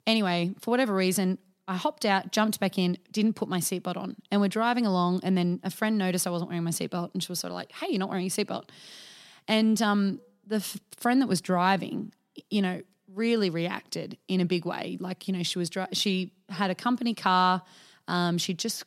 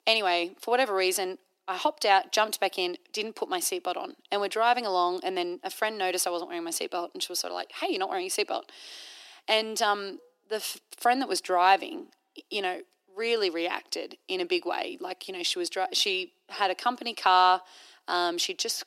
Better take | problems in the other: first | thin; very; fading below 300 Hz

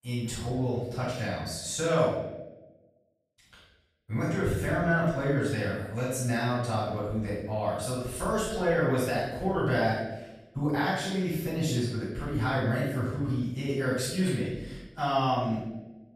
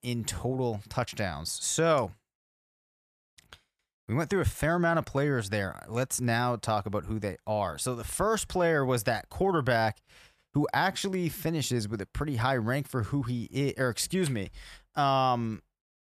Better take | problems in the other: second | off-mic speech; far // room echo; strong; dies away in 0.9 s

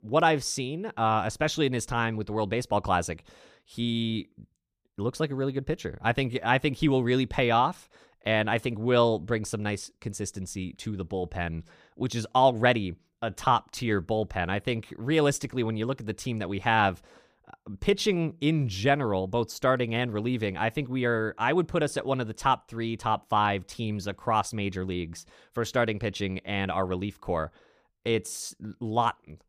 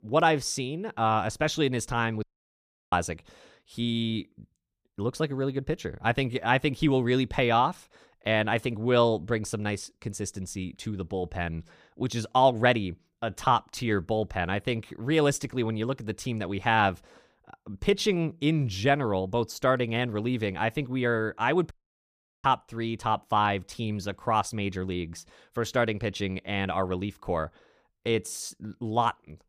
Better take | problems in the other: first | audio cutting out; at 2 s for 0.5 s and at 22 s for 0.5 s

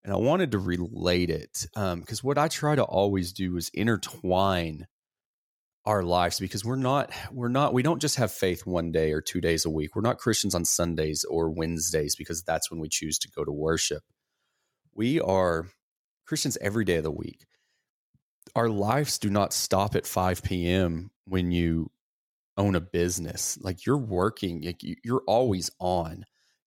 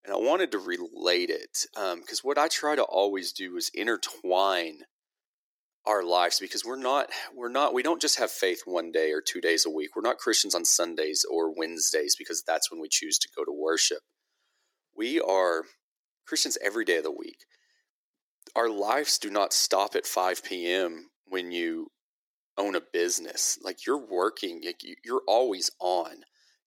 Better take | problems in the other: first | thin; very; fading below 300 Hz

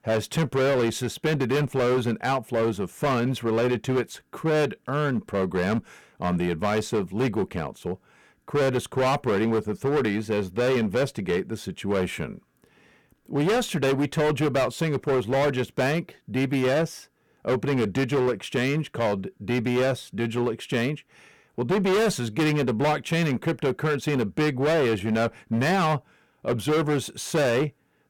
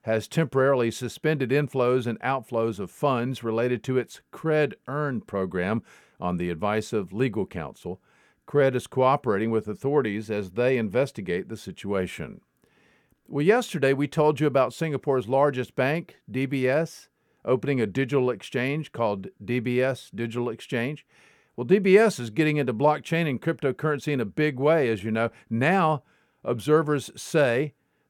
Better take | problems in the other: second | distortion; heavy; 17% of the sound clipped

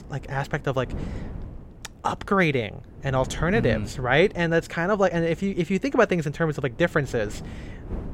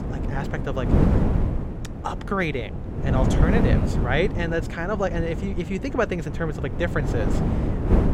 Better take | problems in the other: first | wind noise on the microphone; heavy; 5 dB below the speech; occasional gusts in the first

